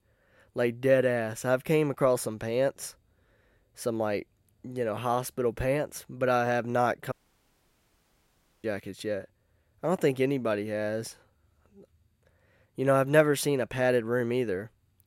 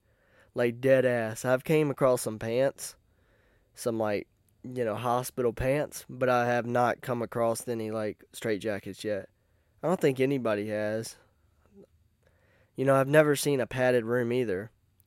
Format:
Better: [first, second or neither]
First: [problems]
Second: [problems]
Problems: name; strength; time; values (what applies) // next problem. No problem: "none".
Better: second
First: audio cutting out; at 7 s for 1.5 s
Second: none